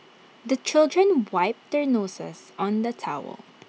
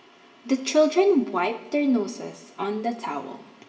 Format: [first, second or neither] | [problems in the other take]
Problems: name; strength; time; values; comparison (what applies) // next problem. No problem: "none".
first | room echo; dies away in 0.8 s